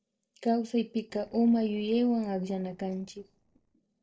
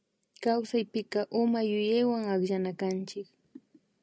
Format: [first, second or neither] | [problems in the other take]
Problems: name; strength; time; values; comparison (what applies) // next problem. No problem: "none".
second | noise reduction (neural separator model SepFormer DNS4)